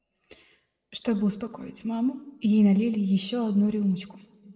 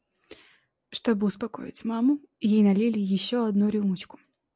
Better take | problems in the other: second | room echo; dies away in 1.1 s

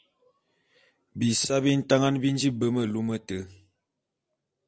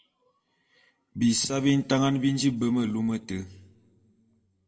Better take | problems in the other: first | room echo; dies away in 0.2 s

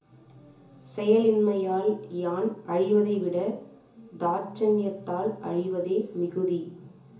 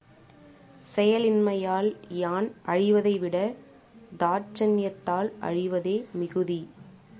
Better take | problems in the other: second | room echo; dies away in 0.6 s

